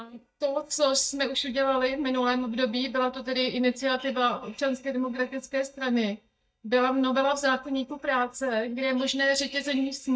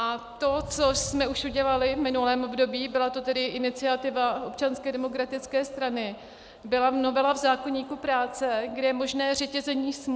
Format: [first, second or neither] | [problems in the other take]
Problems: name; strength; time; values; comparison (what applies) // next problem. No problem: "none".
second | noise reduction (neural mask model DeepFilterNet 3)